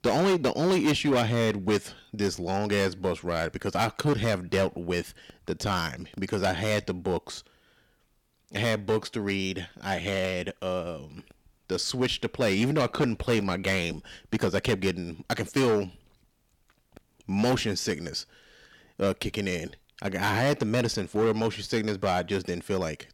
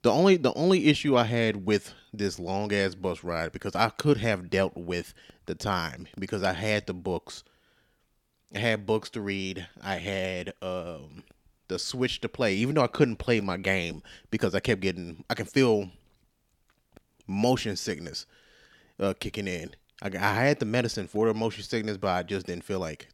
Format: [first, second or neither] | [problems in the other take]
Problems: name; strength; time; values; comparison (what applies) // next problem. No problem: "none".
second | distortion; heavy; 7% of the sound clipped